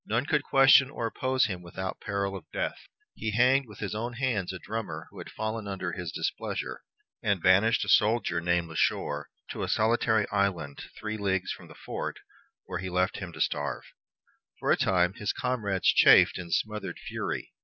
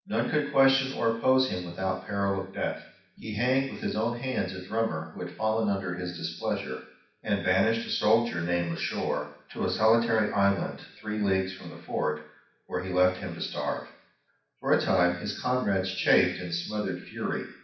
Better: first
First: none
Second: room echo; dies away in 0.6 s

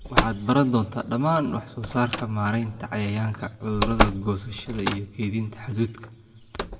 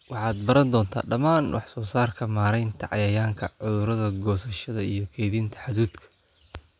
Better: second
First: background sound (Slam); 4 dB below the speech // room echo; dies away in 1.8 s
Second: none

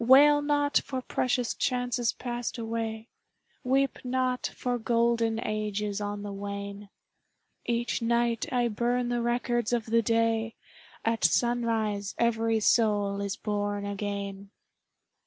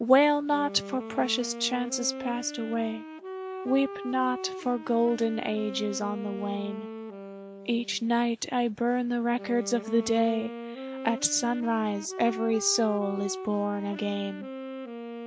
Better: first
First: none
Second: background sound (Wind instrument, woodwind instrument); 11 dB below the speech

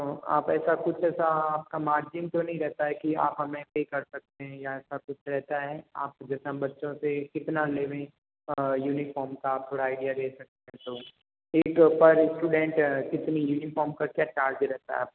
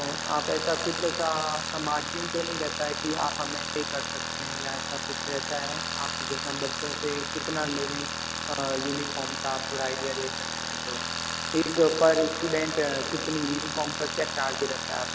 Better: first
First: none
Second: background sound (Tools); 2 dB below the speech

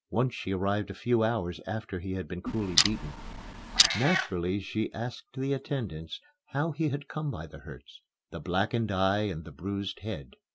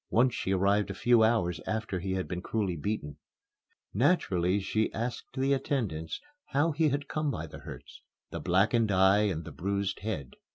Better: second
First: background sound (Meow + Clock); 1 dB above the speech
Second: none

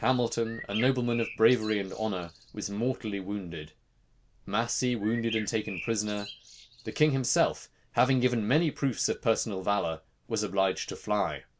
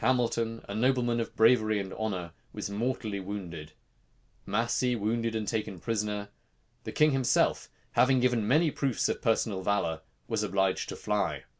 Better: second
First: background sound (Bird); 13 dB below the speech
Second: none

